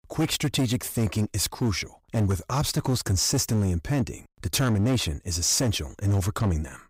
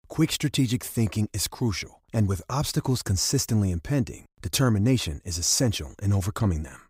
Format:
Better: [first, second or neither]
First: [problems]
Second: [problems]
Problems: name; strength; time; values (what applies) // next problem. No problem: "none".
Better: second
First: distortion; slight; 12% of the sound clipped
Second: none